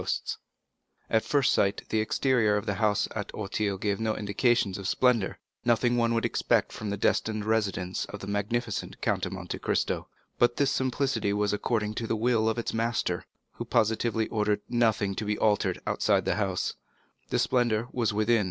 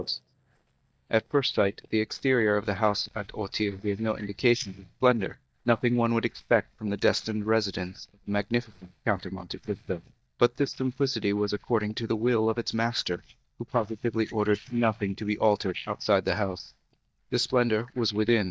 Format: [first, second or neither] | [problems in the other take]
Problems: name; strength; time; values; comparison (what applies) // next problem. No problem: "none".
first | noise reduction (neural mask model DeepFilterNet 3)